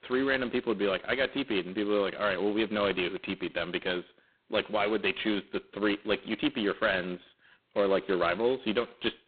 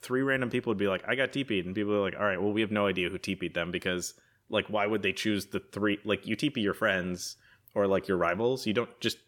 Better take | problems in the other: second | phone-call audio; poor line; nothing above 4 kHz

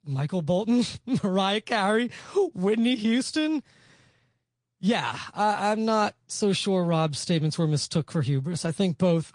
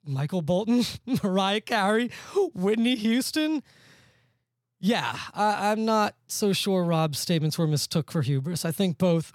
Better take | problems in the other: second | garbled, watery; slightly; nothing above 8 kHz

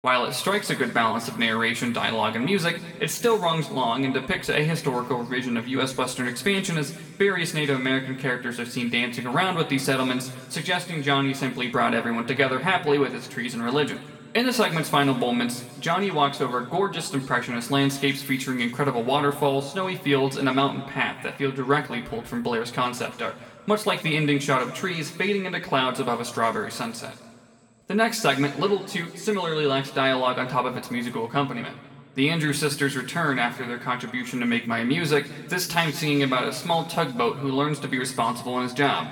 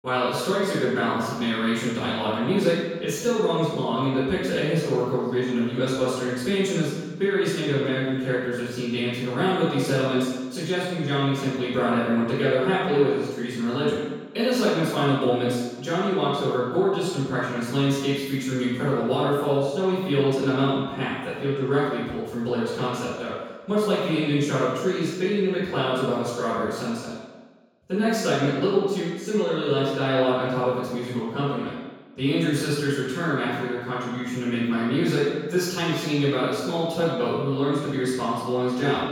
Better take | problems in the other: first | room echo; strong; dies away in 1.2 s; slight in the first // off-mic speech; far; somewhat distant in the first

